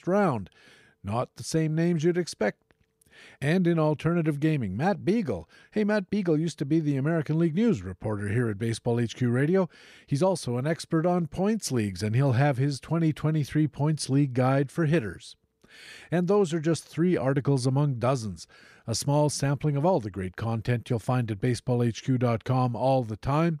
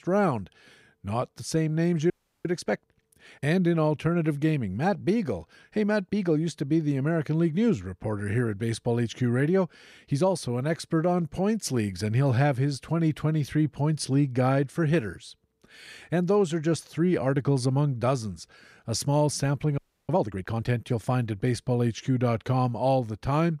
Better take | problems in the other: first | audio freezing; at 2 s and at 20 s

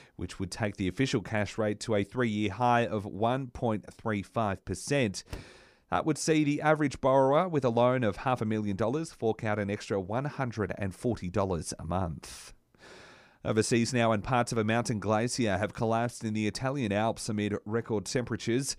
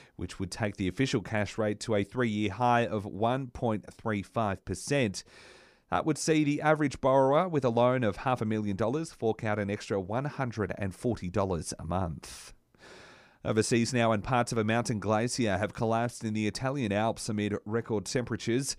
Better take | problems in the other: second | door banging; faint; at 5.5 s; peak 15 dB below the speech

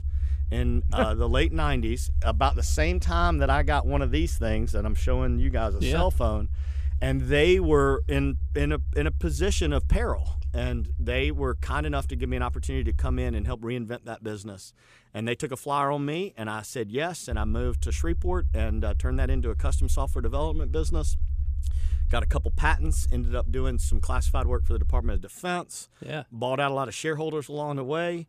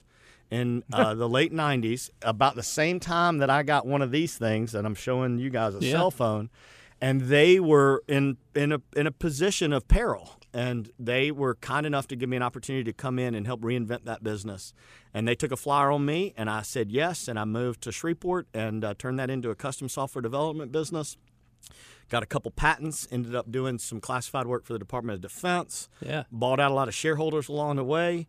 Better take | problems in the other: second | low rumble; noticeable; until 14 s and from 17 to 25 s; 20 dB below the speech

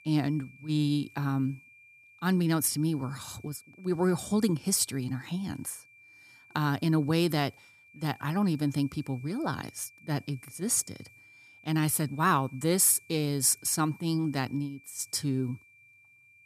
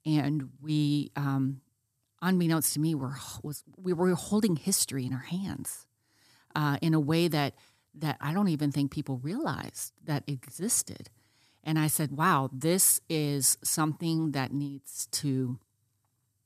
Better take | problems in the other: second | high-pitched whine; faint; throughout; 2.5 kHz, 25 dB below the speech

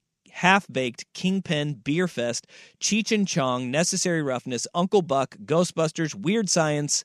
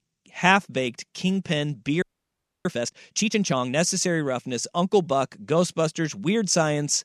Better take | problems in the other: first | audio freezing; at 2 s for 0.5 s

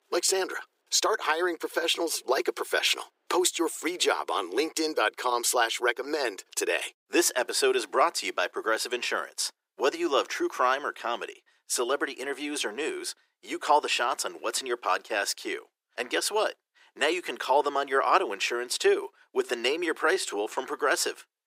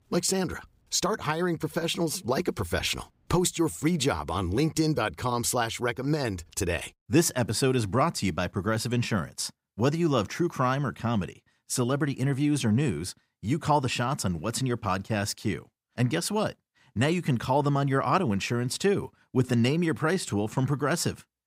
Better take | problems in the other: second | thin; very; fading below 350 Hz

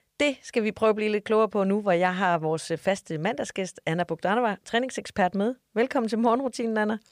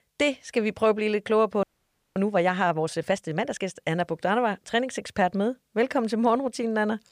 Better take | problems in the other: first | audio freezing; at 1.5 s for 0.5 s

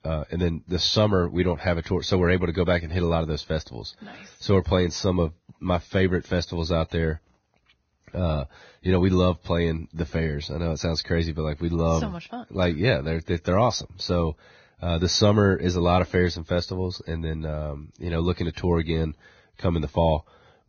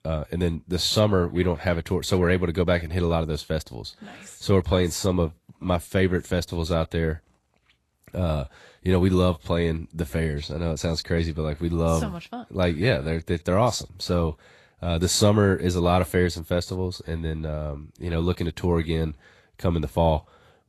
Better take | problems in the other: second | garbled, watery; badly; nothing above 6.5 kHz; slightly in the second

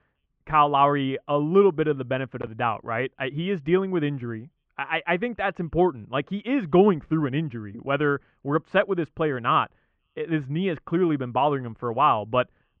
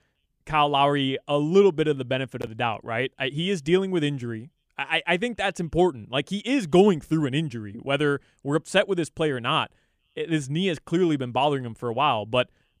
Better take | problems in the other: second | muffled; very slightly; fading above 2.5 kHz

